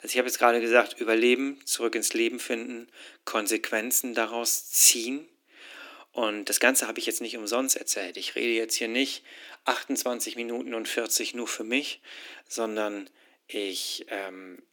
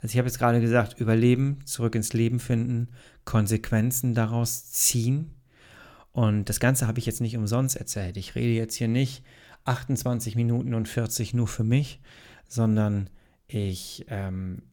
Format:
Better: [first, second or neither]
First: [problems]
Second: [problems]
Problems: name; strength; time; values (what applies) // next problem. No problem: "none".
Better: second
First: thin; very; fading below 300 Hz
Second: none